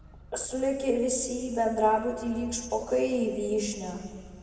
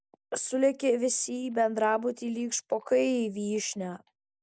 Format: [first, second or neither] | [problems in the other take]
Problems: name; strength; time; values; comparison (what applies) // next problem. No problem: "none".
second | background sound (Motor vehicle (road)); 20 dB below the speech // room echo; dies away in 1.5 s